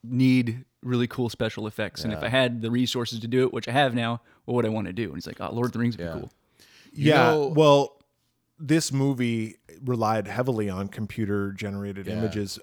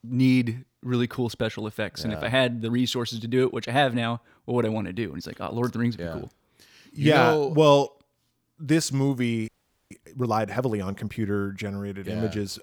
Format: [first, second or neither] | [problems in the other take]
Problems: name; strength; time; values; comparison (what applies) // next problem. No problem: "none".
first | audio freezing; at 9.5 s